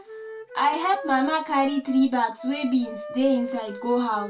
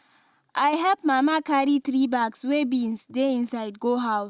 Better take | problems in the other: second | background sound (Wind instrument, woodwind instrument); 13 dB below the speech // room echo; dies away in 0.2 s

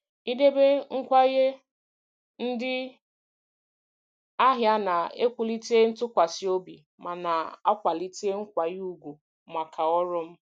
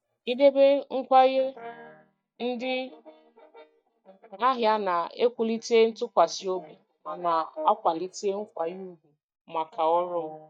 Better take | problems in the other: first | noise reduction (neural mask model DeepFilterNet 3)

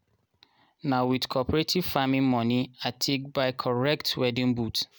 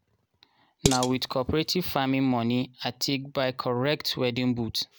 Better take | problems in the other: first | background sound (Dishes, pots, and pans); 3 dB below the speech

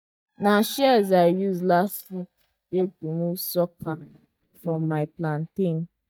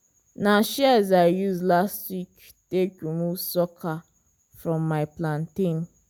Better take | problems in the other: second | noise reduction (neural mask model DeepFilterNet 3)

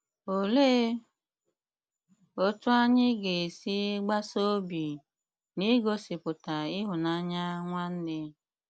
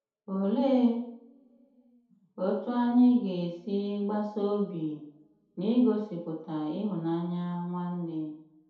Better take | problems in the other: first | room echo; dies away in 0.8 s

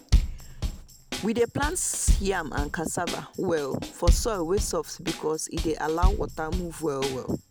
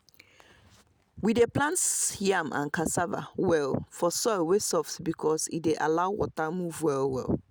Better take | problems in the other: second | background sound (Drum kit); 1 dB above the speech

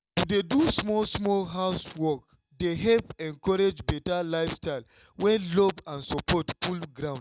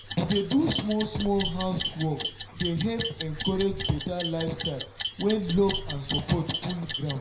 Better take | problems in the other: first | background sound (Clock); 7 dB below the speech // room echo; dies away in 0.5 s

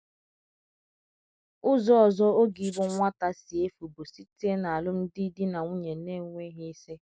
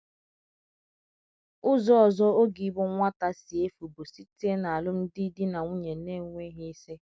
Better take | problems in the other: second | noise reduction (neural mask model Resemble Enhance denoiser)

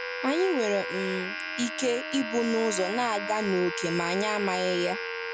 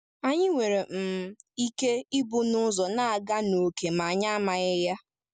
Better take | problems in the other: second | background sound (Domestic sounds, home sounds + Brass instrument); 5 dB below the speech

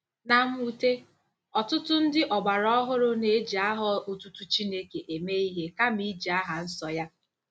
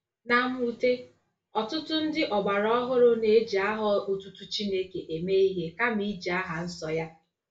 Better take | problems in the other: first | room echo; dies away in 0.3 s

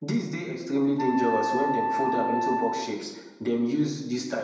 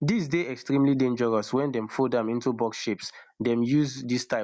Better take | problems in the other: second | background sound (Wind instrument, woodwind instrument); 3 dB below the speech // room echo; dies away in 0.9 s

